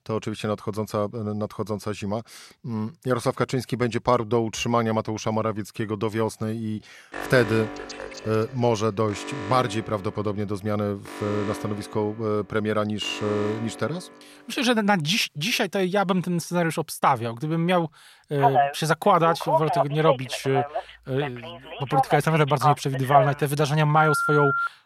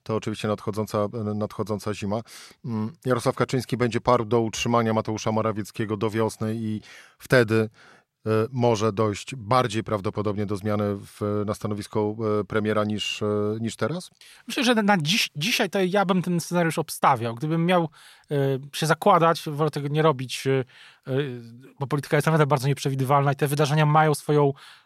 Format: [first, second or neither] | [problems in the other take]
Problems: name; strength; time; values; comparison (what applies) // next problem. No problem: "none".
second | alarm; noticeable; from 7 to 14 s; peak 7 dB below the speech // phone ringing; loud; from 18 s on; peak 4 dB above the speech